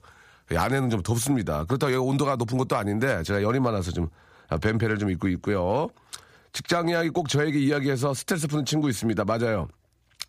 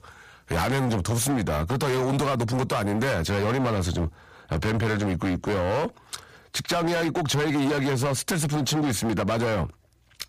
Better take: first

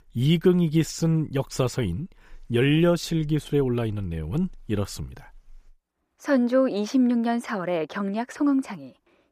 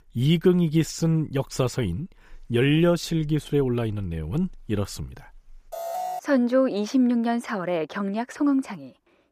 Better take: first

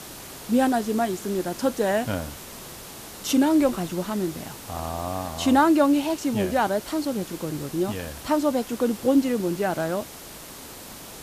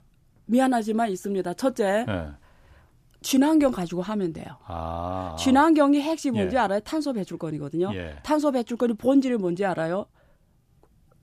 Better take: second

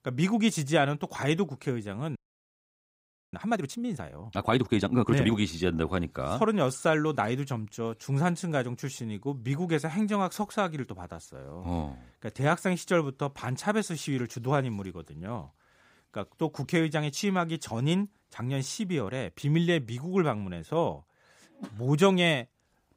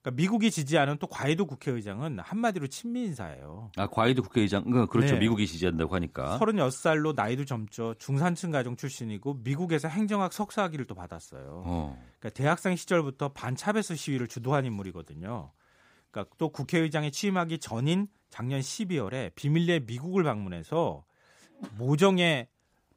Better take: second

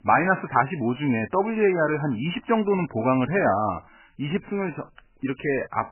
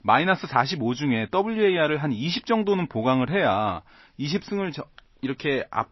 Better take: second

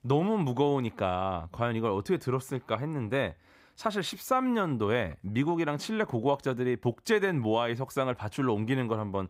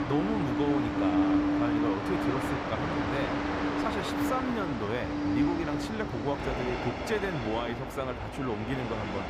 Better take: first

